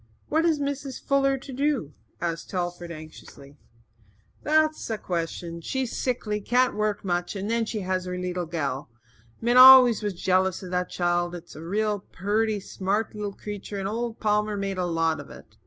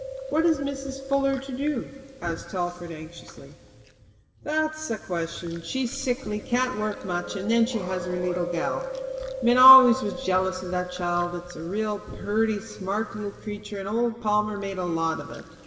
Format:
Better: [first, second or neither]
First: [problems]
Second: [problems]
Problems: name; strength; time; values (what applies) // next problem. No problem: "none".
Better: first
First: none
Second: background sound (Chewing, mastication); 12 dB below the speech // room echo; dies away in 2 s